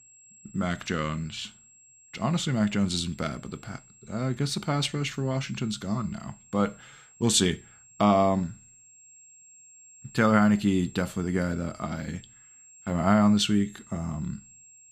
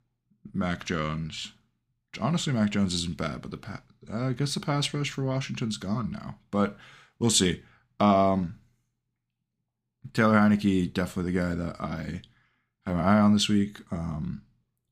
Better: second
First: high-pitched whine; faint; throughout; 7.5 kHz, 25 dB below the speech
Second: none

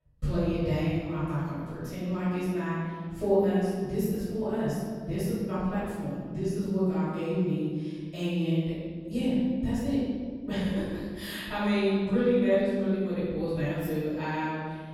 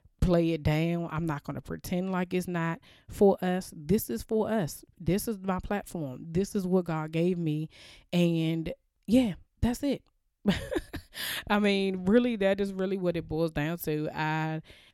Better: second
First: off-mic speech; far // room echo; strong; dies away in 1.8 s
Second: none

